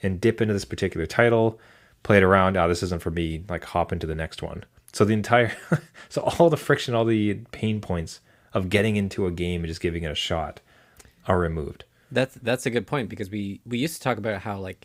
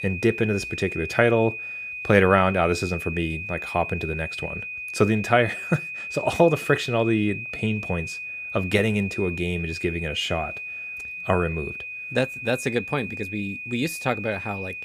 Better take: first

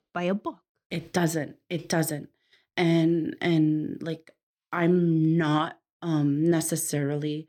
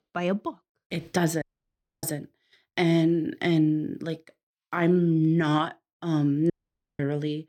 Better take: first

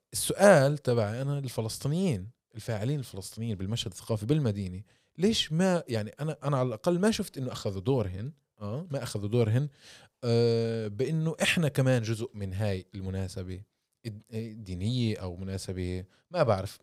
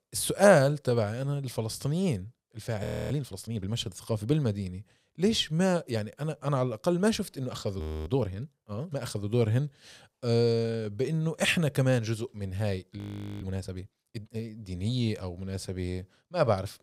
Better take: first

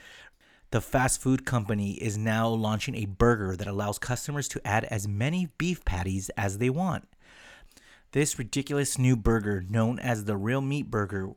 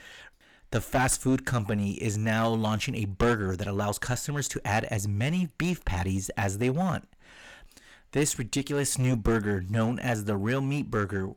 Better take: first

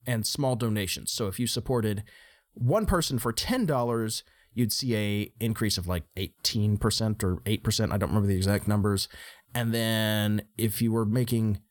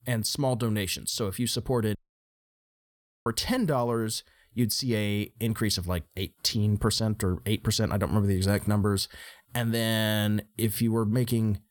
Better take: first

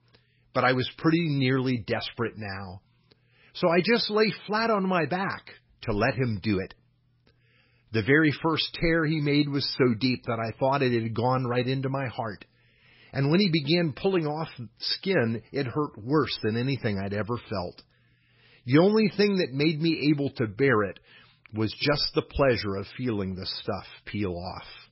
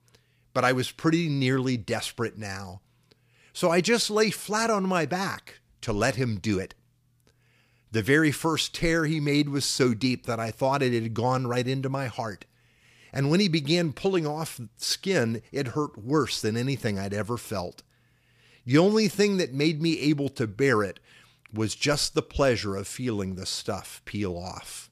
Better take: second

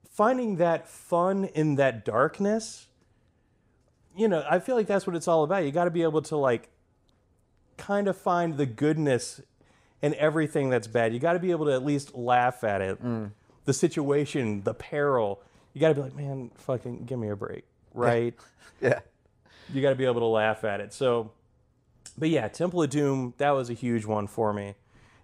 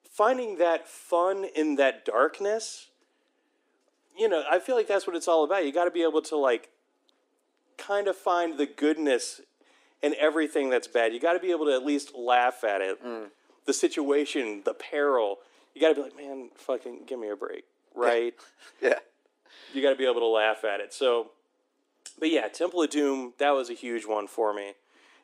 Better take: first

